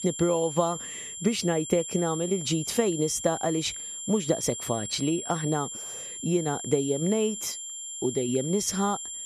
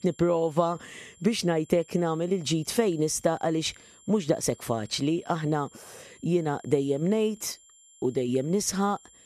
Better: second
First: high-pitched whine; loud; throughout; 7.5 kHz, 7 dB below the speech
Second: high-pitched whine; faint; throughout; 7.5 kHz, 25 dB below the speech

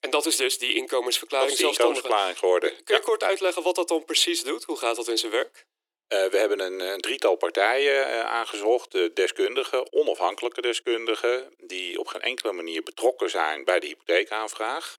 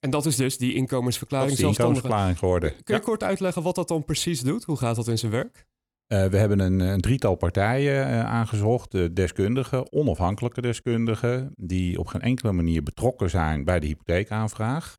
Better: second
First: thin; very; fading below 350 Hz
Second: none

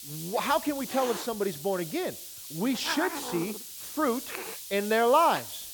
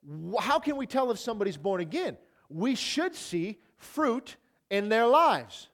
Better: second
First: hiss; loud; throughout; 8 dB below the speech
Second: none

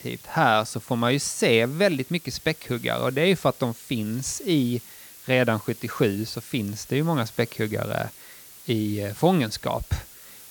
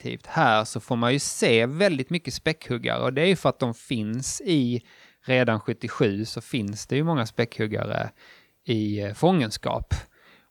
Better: second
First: hiss; noticeable; throughout; 20 dB below the speech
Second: none

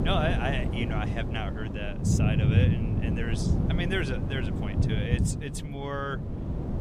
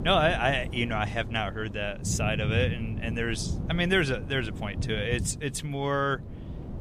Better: second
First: wind noise on the microphone; heavy; 4 dB below the speech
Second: wind noise on the microphone; occasional gusts; 15 dB below the speech

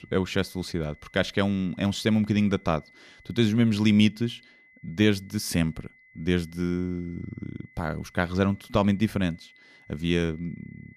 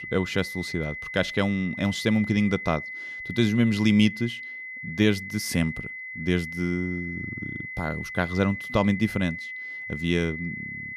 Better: first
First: high-pitched whine; faint; throughout; 2 kHz, 30 dB below the speech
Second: high-pitched whine; loud; throughout; 2 kHz, 8 dB below the speech

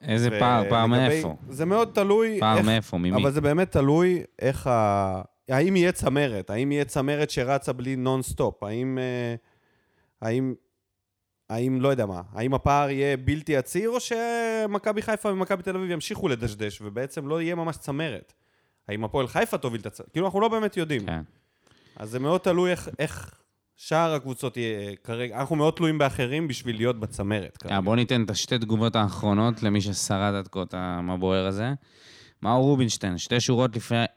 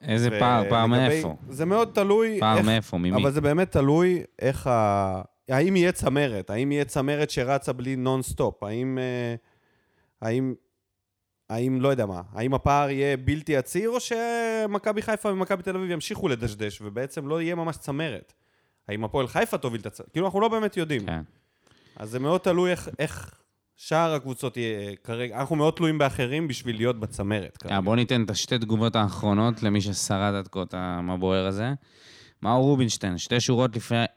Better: neither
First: none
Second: none

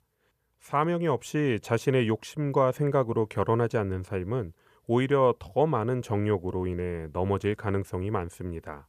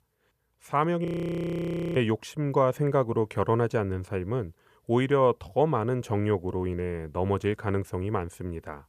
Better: first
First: none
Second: audio freezing; at 1 s for 1 s

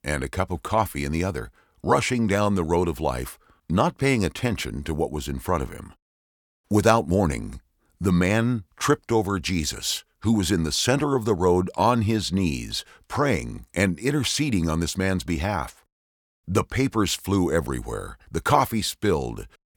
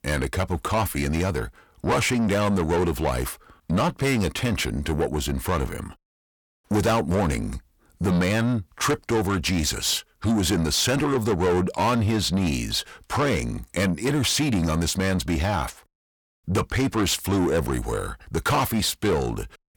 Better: first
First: none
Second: distortion; heavy; 7 dB below the speech

